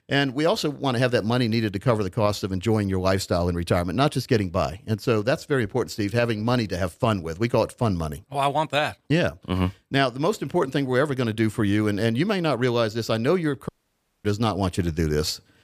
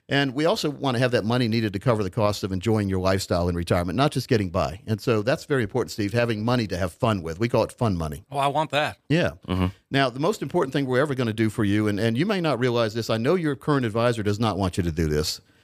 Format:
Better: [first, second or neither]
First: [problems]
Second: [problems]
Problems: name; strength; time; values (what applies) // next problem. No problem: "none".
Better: second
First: audio cutting out; at 14 s for 0.5 s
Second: none